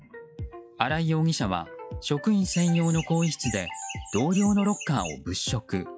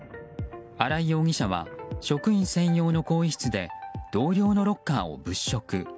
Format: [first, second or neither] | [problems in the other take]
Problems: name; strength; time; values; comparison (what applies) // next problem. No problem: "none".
second | noise reduction (classical method log-MMSE)